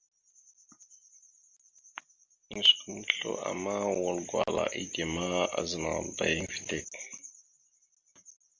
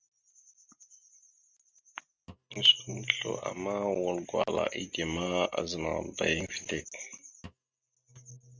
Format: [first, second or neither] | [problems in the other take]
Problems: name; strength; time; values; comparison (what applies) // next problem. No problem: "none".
first | noise reduction (neural mask model RNNoise)